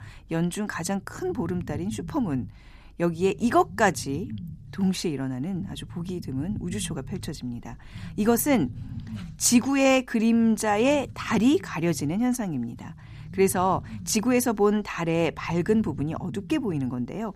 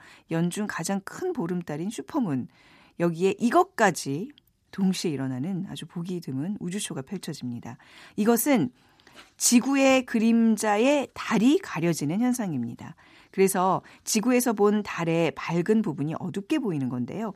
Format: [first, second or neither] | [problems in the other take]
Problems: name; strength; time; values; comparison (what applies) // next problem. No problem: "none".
second | low rumble; faint; throughout; 25 dB below the speech